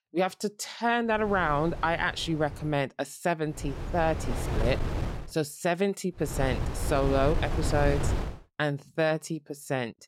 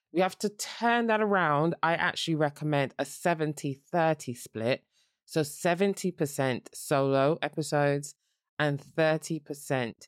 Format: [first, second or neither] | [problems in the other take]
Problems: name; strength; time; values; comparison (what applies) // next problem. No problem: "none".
second | wind noise on the microphone; occasional gusts; from 1 to 2.5 s, from 3.5 to 5 s and from 6.5 to 8.5 s; 10 dB below the speech